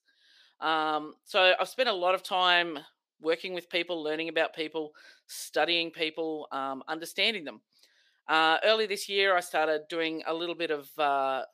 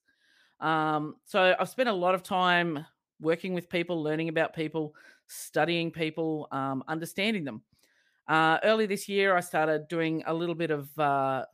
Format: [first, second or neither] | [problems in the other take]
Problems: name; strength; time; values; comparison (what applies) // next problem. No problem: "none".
second | thin; somewhat; fading below 450 Hz